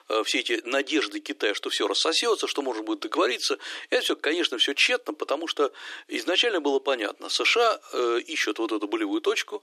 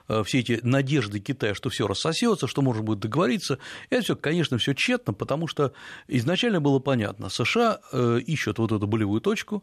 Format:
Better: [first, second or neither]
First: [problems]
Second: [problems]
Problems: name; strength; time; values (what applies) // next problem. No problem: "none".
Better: second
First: thin; very; fading below 300 Hz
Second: none